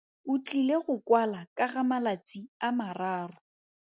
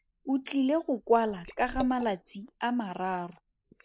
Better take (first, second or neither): first